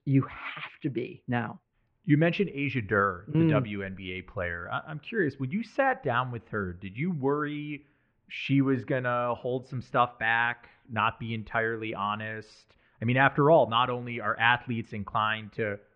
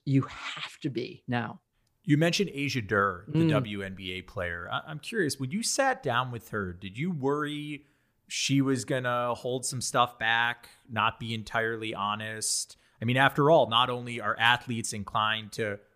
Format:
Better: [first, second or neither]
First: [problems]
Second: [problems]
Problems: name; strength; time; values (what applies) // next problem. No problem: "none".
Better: second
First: muffled; very; fading above 2.5 kHz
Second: none